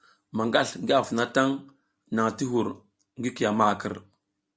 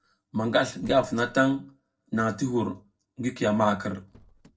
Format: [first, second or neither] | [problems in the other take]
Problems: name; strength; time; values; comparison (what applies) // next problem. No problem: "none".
first | noise reduction (neural separator model SepFormer DNS4)